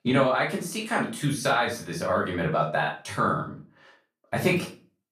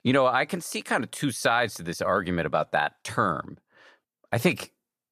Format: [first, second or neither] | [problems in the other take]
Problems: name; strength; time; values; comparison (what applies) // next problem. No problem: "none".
second | off-mic speech; far // room echo; slight; dies away in 0.3 s